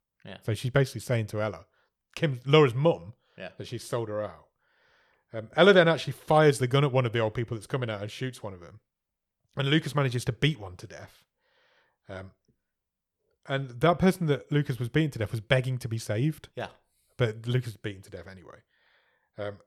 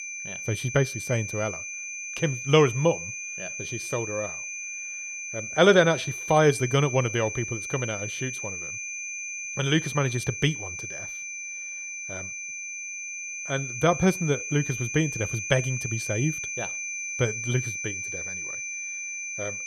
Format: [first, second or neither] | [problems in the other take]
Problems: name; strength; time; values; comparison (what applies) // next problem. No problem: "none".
first | high-pitched whine; loud; throughout; 2.5 kHz, 6 dB below the speech